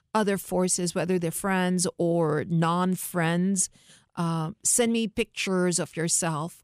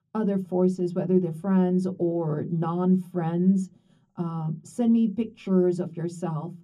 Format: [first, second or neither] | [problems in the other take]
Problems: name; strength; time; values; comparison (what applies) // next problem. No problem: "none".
first | room echo; very slight; dies away in 0.4 s // off-mic speech; far